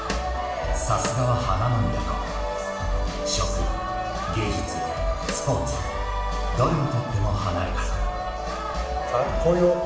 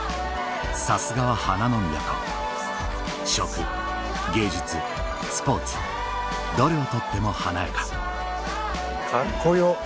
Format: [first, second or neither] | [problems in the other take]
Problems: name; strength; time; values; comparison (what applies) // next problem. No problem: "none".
second | background sound (Snare drum); 12 dB below the speech // room echo; dies away in 0.9 s